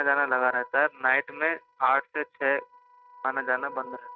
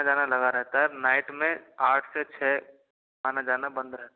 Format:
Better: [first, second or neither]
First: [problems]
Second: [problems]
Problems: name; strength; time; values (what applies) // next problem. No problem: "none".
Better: second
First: noise reduction (neural mask model RNNoise)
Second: none